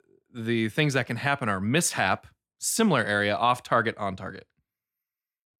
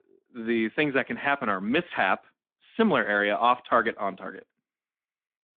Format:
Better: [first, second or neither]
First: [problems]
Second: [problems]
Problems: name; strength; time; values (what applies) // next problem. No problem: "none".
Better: first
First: none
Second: phone-call audio; nothing above 3.5 kHz